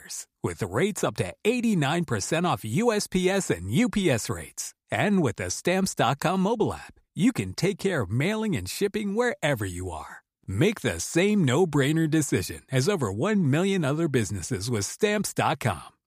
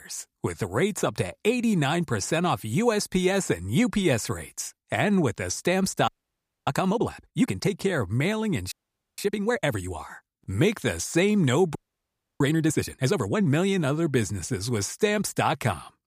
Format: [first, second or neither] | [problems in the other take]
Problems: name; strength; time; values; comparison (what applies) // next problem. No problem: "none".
first | audio freezing; at 6 s for 0.5 s, at 8.5 s and at 12 s for 0.5 s